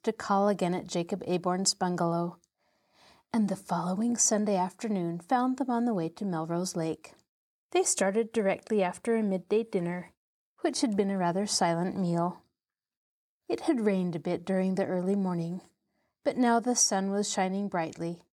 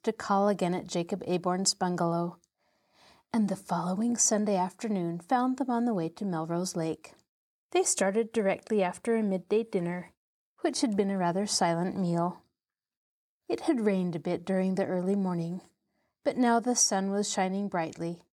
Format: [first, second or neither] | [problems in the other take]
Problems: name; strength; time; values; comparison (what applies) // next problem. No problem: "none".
neither | none